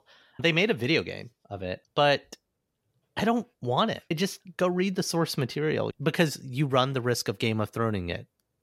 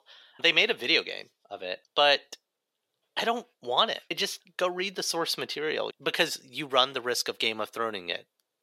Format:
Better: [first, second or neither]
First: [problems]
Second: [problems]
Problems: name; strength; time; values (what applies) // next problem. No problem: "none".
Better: first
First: none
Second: thin; somewhat; fading below 450 Hz